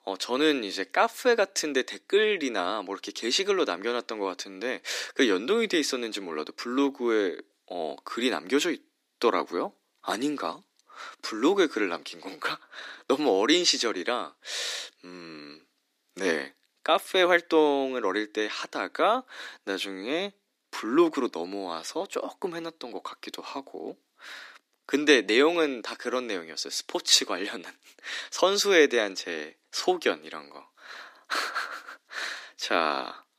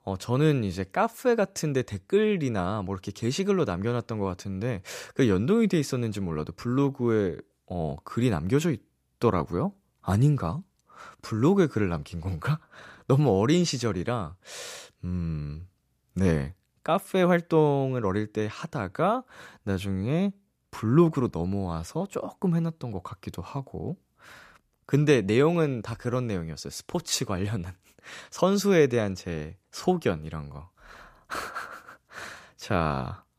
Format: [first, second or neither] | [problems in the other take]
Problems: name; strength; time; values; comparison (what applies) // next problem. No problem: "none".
second | thin; somewhat; fading below 250 Hz